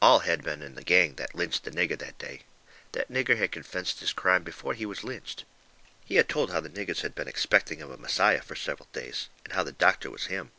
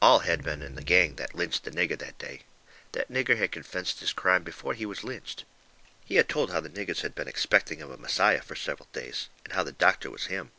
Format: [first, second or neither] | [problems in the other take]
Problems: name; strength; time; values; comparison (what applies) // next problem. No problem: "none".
first | background sound (Growling); 13 dB below the speech